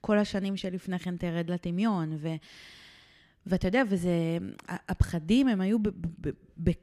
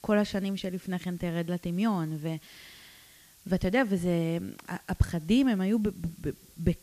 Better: first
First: none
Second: hiss; faint; throughout; 25 dB below the speech

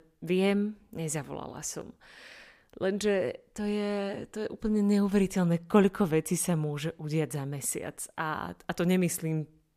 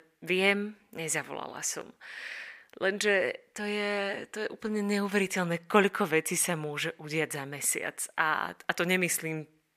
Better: first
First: none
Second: thin; somewhat; fading below 550 Hz

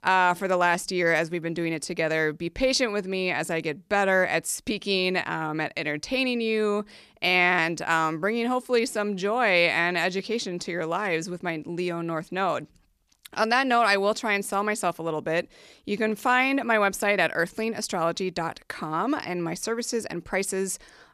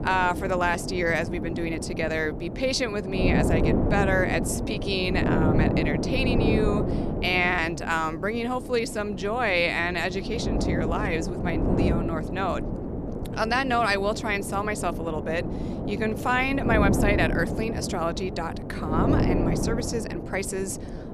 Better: first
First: none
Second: wind noise on the microphone; heavy; 6 dB below the speech

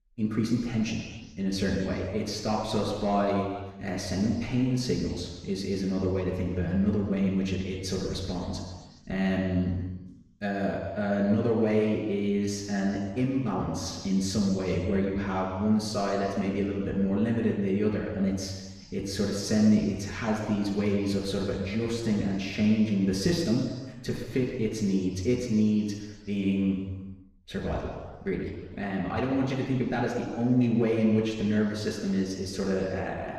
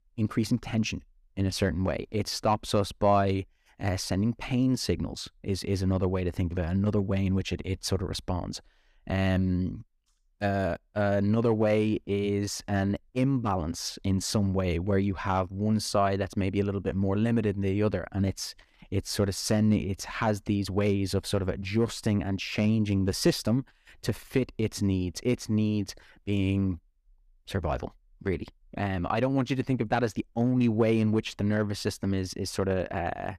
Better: second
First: room echo; noticeable; dies away in 1.3 s // off-mic speech; far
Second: none

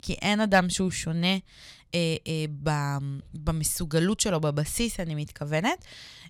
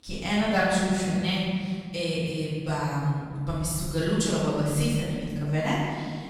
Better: first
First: none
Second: off-mic speech; far // room echo; strong; dies away in 2 s

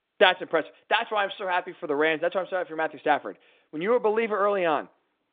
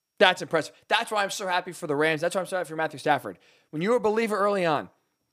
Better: second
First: phone-call audio; nothing above 3.5 kHz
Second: none

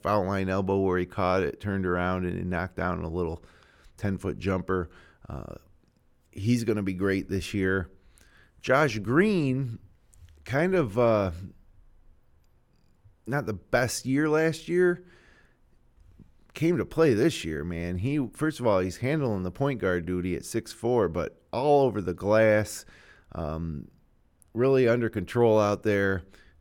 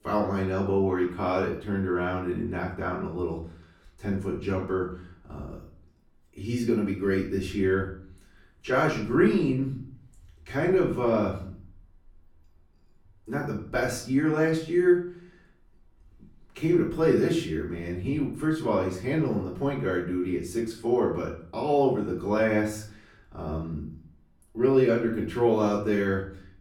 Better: first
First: none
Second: room echo; slight; dies away in 0.4 s // off-mic speech; far

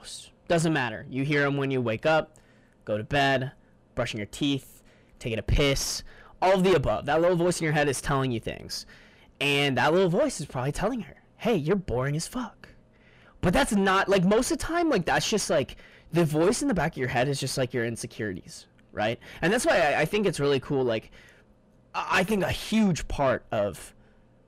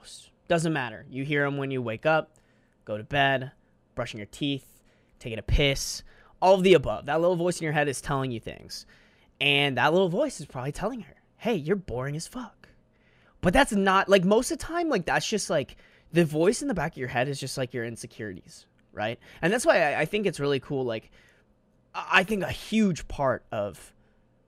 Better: second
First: distortion; heavy; 7 dB below the speech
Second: none

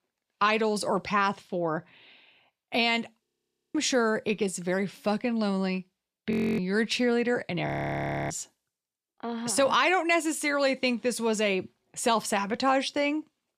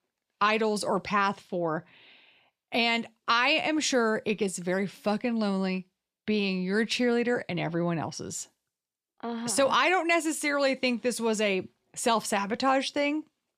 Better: second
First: audio freezing; at 3.5 s, at 6.5 s and at 7.5 s for 0.5 s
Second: none

